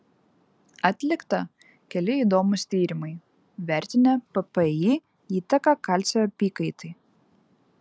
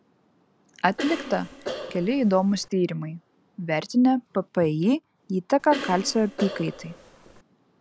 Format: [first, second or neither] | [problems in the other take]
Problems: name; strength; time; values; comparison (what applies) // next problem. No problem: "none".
first | background sound (Cough); 10 dB below the speech